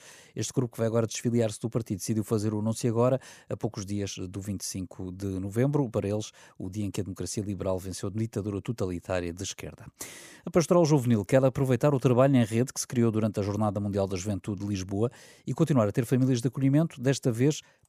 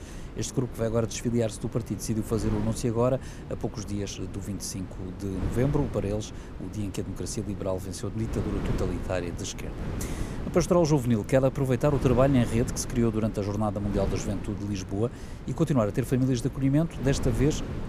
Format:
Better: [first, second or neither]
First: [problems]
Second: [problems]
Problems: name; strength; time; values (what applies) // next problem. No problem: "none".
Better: first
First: none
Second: wind noise on the microphone; occasional gusts; 10 dB below the speech